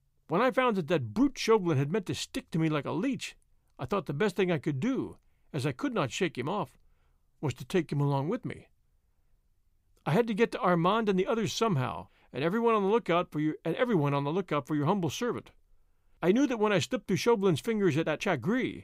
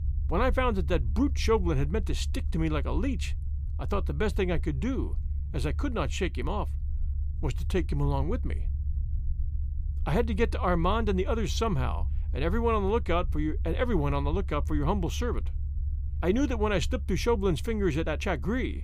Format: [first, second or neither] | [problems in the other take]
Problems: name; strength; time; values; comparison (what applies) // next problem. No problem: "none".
first | low rumble; faint; throughout; 20 dB below the speech